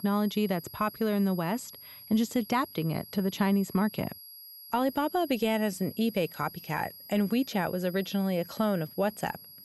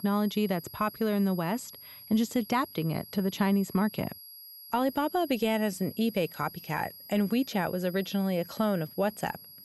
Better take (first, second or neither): neither